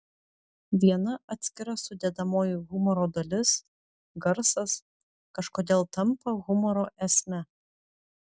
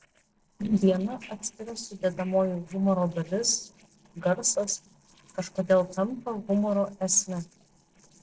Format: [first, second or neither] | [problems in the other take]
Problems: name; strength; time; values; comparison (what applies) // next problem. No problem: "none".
first | noise reduction (neural separator model SepFormer DNS4)